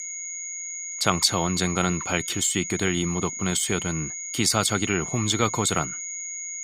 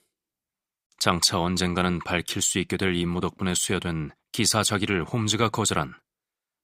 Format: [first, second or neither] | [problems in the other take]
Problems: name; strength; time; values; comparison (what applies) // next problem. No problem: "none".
second | high-pitched whine; loud; throughout; 6.5 kHz, 6 dB below the speech